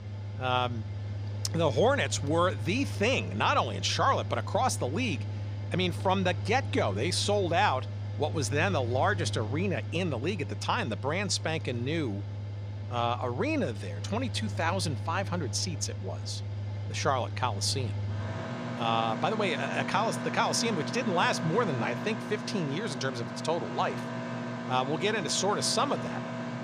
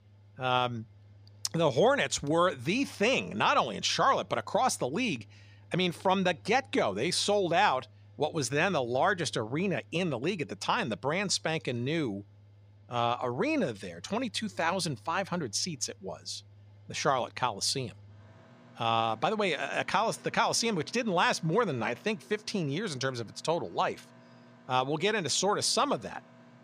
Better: second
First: machinery noise; loud; throughout; 6 dB below the speech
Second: machinery noise; faint; throughout; 25 dB below the speech

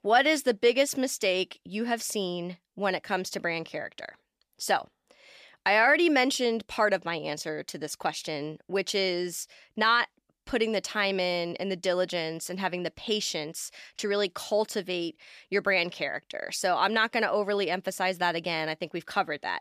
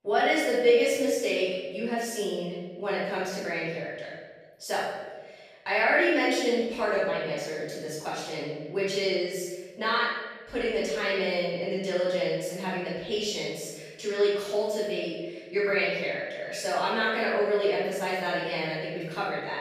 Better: first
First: none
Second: off-mic speech; far // room echo; strong; dies away in 1.2 s

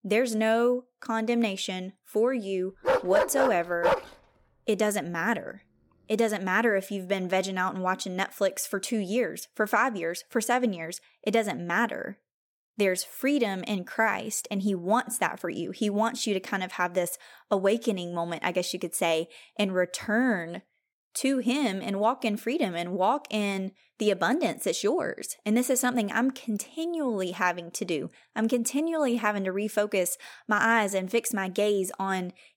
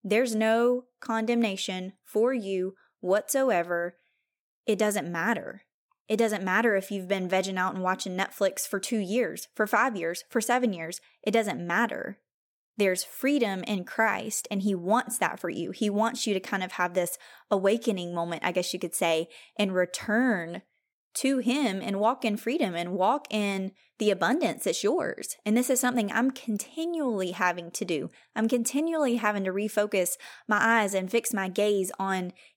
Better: second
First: dog barking; loud; from 3 to 4 s; peak 3 dB above the speech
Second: none

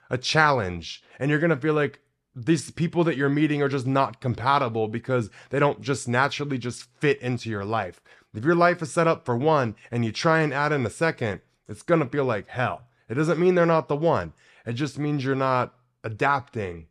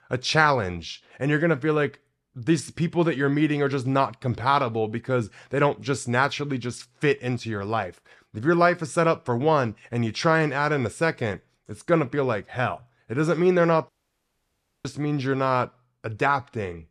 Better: first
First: none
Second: audio cutting out; at 14 s for 1 s

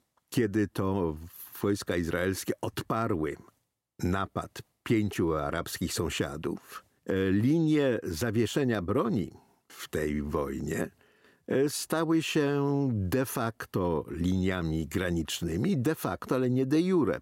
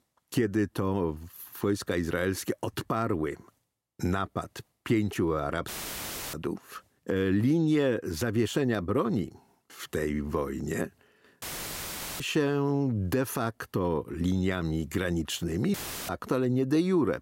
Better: first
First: none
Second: audio cutting out; filled with static; at 5.5 s for 0.5 s, at 11 s for 1 s and at 16 s

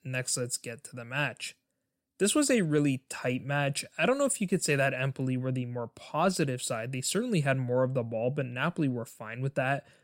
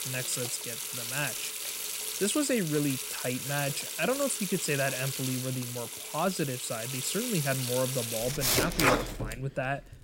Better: first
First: none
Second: household noises; loud; throughout; as loud as the speech

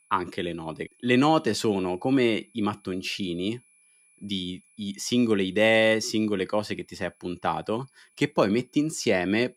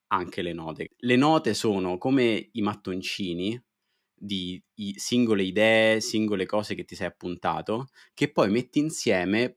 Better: second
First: high-pitched whine; faint; throughout; 10 kHz, 35 dB below the speech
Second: none

